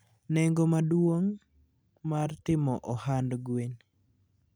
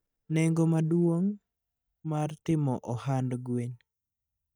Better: first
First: none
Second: noise reduction (neural mask model DeepFilterNet 3)

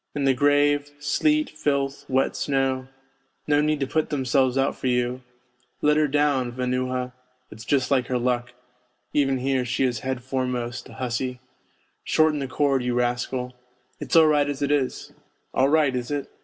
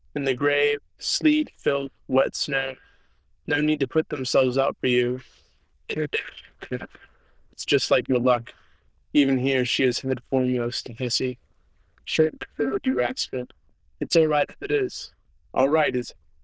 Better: first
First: none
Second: noise reduction (neural diffusion model UNIVERSE++)

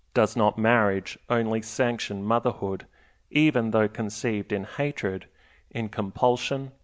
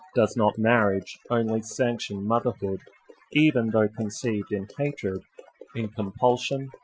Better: first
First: none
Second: noise reduction (classical method Wiener filter)

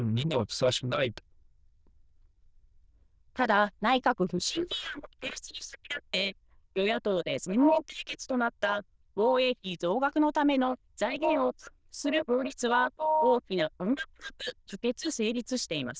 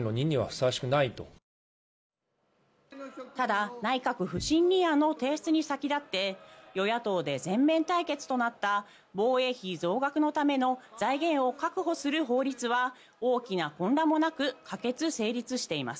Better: second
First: noise reduction (neural diffusion model UNIVERSE++)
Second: none

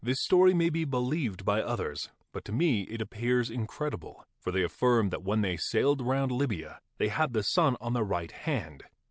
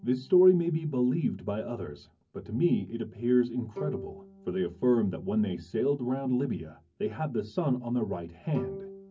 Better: first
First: none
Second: background sound (Bowed string instrument); 18 dB below the speech // room echo; dies away in 0.3 s

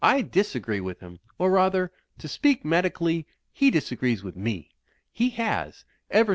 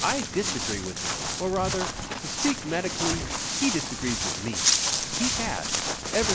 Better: first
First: none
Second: background sound (Walk, footsteps); 2 dB above the speech

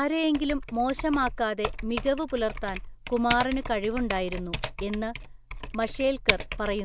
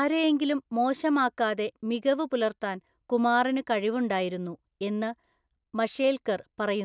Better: second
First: background sound (Typing); 6 dB below the speech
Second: none

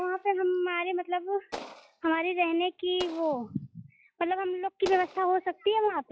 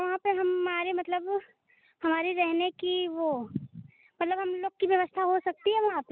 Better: second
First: noise reduction (classical method log-MMSE)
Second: none

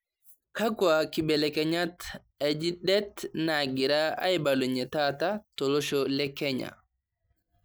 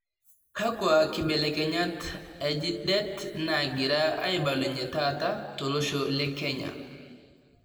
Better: first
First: none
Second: room echo; dies away in 1.9 s

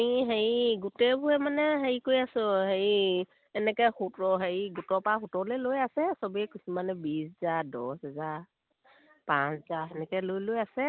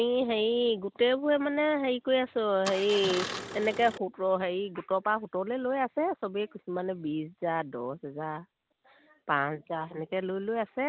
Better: first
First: none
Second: background sound (Engine starting); 8 dB below the speech

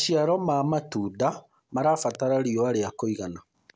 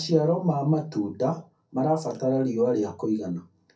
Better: first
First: none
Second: room echo; dies away in 0.3 s

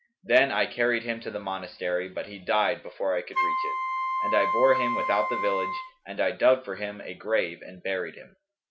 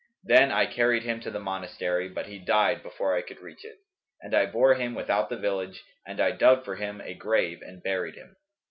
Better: second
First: background sound (Wind instrument, woodwind instrument); 1 dB below the speech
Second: none

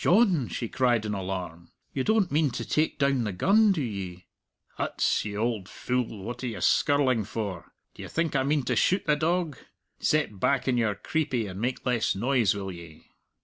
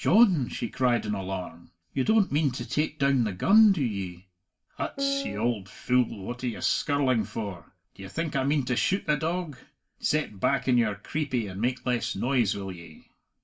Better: first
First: none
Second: background sound (Piano); 7 dB below the speech // room echo; dies away in 0.2 s

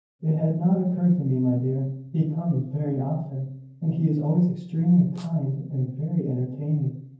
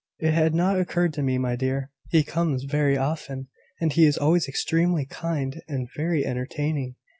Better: second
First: noise reduction (neural separator model SepFormer DNS4)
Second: none

